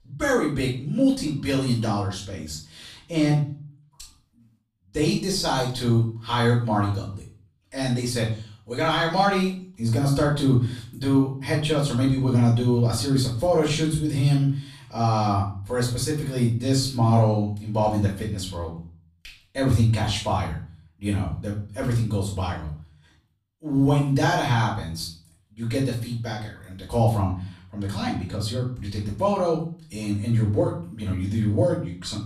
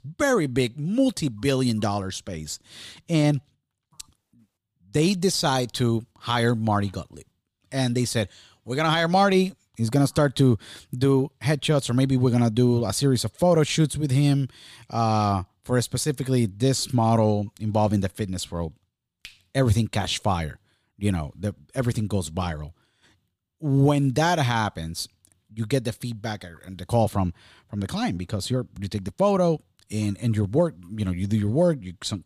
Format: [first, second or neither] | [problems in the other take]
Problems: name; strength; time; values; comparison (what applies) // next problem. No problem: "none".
second | off-mic speech; far // room echo; slight; dies away in 0.4 s